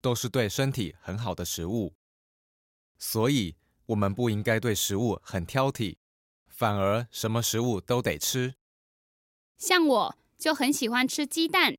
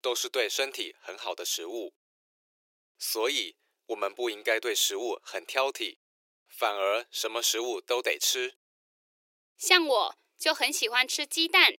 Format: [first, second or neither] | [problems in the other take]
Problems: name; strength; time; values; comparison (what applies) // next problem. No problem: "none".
first | thin; very; fading below 350 Hz